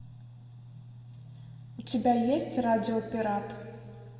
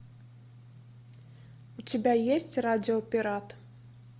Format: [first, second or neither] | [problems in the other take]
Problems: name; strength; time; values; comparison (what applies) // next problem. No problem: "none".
second | room echo; dies away in 2 s